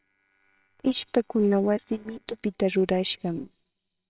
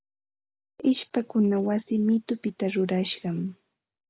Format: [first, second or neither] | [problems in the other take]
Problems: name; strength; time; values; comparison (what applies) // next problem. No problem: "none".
second | noise reduction (neural separator model SepFormer WHAMR!)